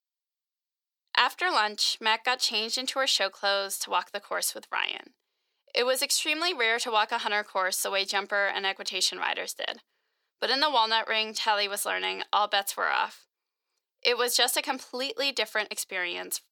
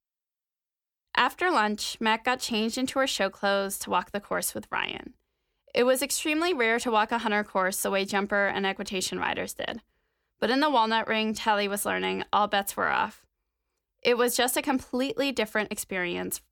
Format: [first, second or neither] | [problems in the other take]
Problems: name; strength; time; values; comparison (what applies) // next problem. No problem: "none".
second | thin; somewhat; fading below 500 Hz